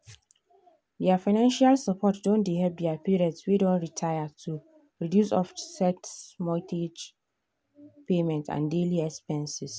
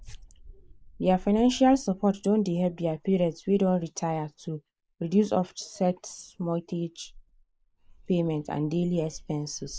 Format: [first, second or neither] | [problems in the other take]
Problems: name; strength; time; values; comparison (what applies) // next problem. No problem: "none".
first | noise reduction (neural mask model Resemble Enhance denoiser)